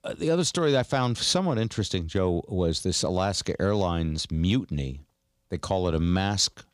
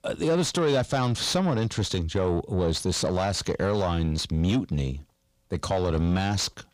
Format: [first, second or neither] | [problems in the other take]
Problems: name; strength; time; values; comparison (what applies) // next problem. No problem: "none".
first | distortion; slight; 10 dB below the speech